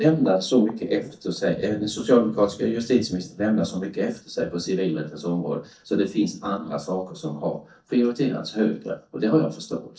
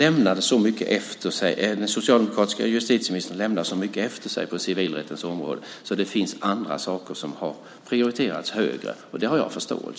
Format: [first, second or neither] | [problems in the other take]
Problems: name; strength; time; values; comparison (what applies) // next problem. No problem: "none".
second | noise reduction (neural mask model DeepFilterNet 3)